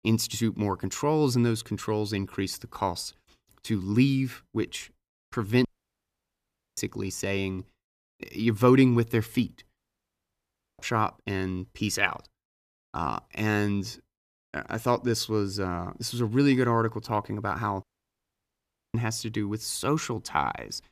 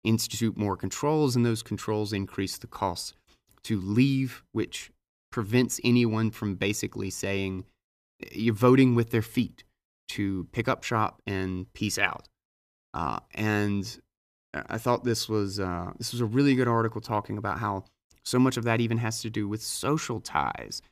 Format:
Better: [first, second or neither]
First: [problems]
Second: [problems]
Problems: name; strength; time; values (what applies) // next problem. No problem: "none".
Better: second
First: audio cutting out; at 5.5 s for 1 s, at 10 s for 1 s and at 18 s for 1 s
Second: none